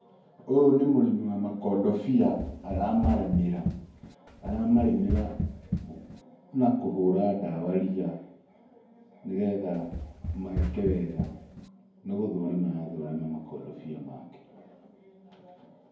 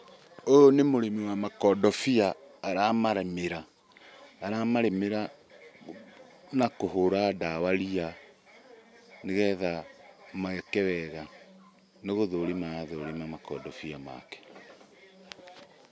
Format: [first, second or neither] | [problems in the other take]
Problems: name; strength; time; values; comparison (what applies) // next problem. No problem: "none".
second | background sound (Run); 4 dB below the speech // room echo; dies away in 0.9 s